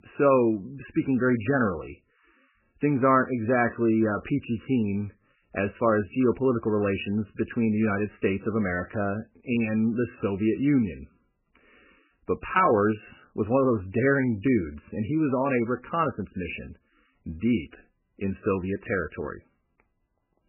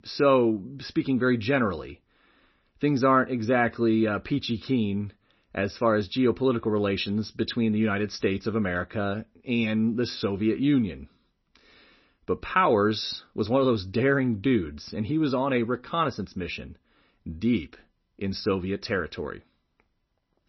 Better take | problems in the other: second | garbled, watery; badly; nothing above 3 kHz; slightly in the second

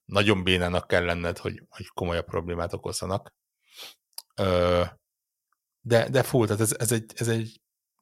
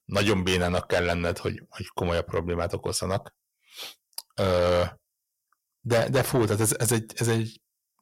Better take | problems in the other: first | distortion; heavy; 8 dB below the speech

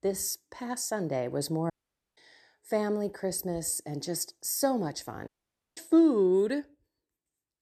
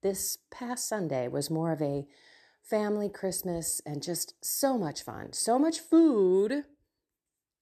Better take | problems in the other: second | audio cutting out; at 1.5 s and at 5.5 s

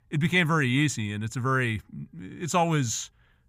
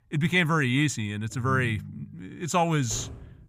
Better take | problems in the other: first | phone ringing; noticeable; at 1.5 s; peak 8 dB below the speech // door banging; faint; at 3 s; peak 15 dB below the speech

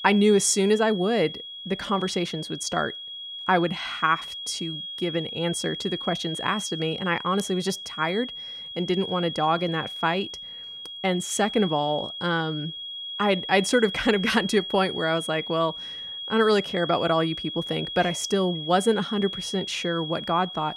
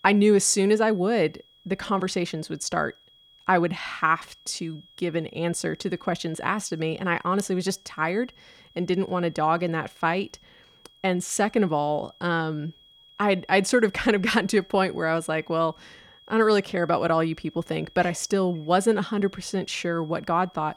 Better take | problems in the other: second | high-pitched whine; loud; throughout; 3.5 kHz, 8 dB below the speech; faint in the second

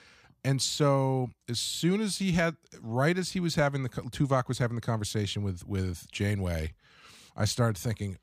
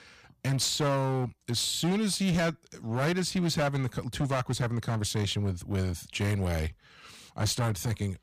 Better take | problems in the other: first | distortion; heavy; 14% of the sound clipped

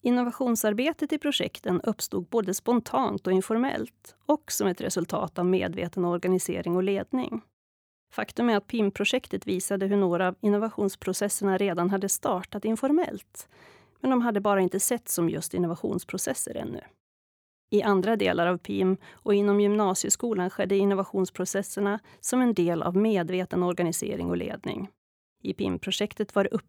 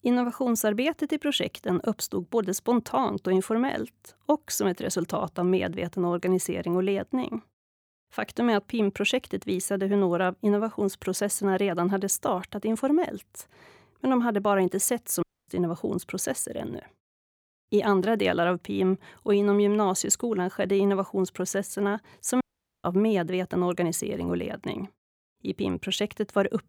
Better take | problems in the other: first | audio cutting out; at 15 s and at 22 s

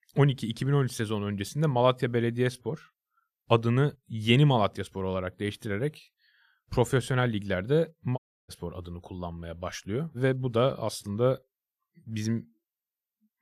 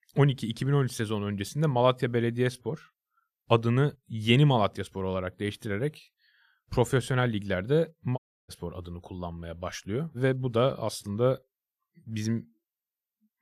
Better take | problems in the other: neither | audio cutting out; at 8 s; the same in both

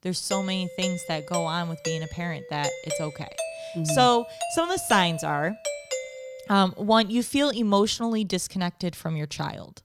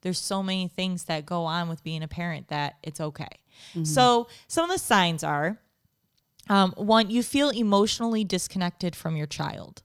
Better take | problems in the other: second | doorbell; noticeable; until 6.5 s; peak 5 dB below the speech

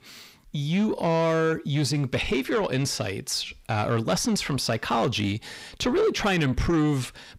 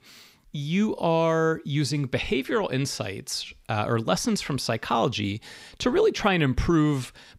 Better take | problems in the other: second | distortion; slight; 10 dB below the speech

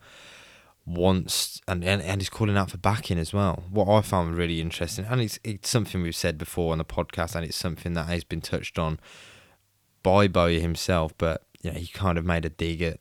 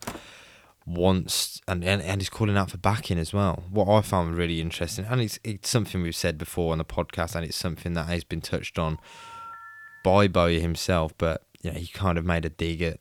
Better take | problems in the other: first | door banging; faint; at the start; peak 15 dB below the speech // phone ringing; faint; from 9 to 10 s; peak 15 dB below the speech

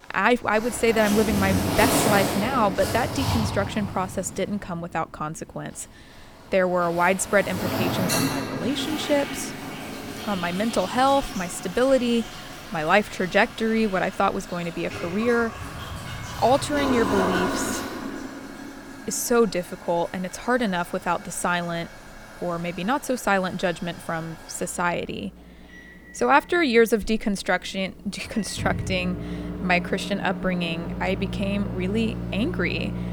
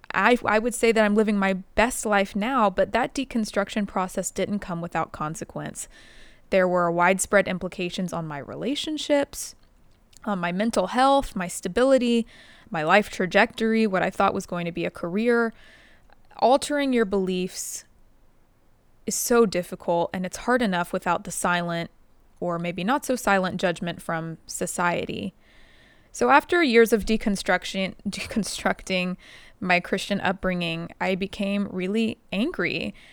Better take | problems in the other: second | household noises; loud; throughout; 5 dB below the speech

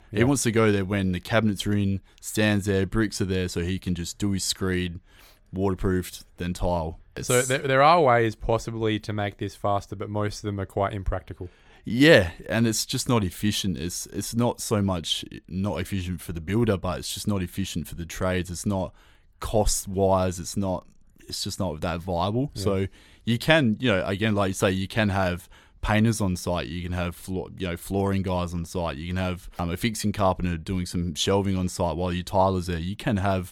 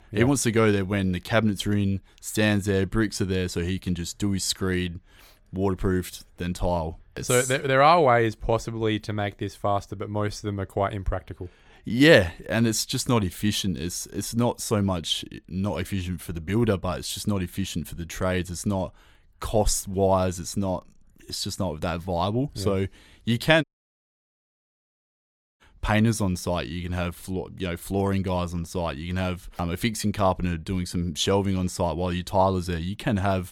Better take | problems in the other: first | audio cutting out; at 24 s for 2 s

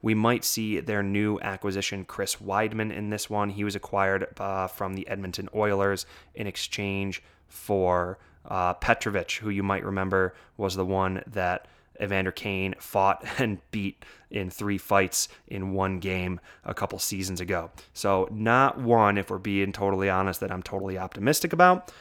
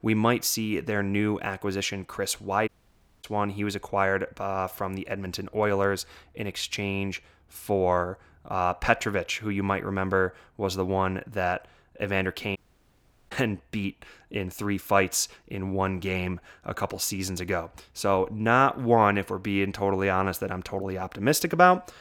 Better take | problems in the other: first | audio cutting out; at 2.5 s for 0.5 s and at 13 s for 1 s

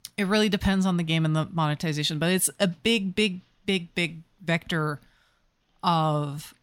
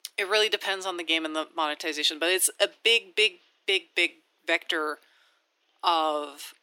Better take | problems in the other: first | thin; very; fading below 300 Hz

